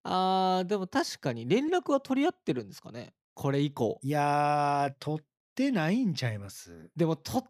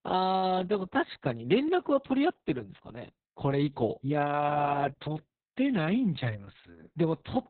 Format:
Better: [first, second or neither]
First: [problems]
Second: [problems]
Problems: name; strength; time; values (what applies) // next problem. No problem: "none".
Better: first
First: none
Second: garbled, watery; badly; nothing above 4 kHz